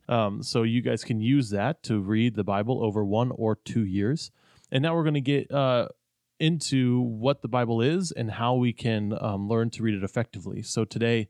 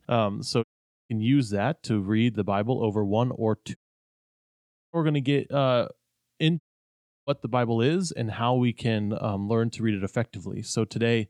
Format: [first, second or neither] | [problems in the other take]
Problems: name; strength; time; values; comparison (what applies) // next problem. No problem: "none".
first | audio cutting out; at 0.5 s, at 4 s for 1 s and at 6.5 s for 0.5 s